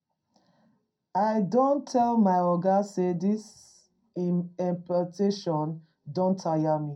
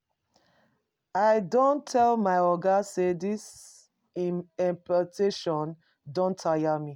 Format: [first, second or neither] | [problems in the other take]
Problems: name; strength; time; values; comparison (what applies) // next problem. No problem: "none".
second | room echo; dies away in 0.2 s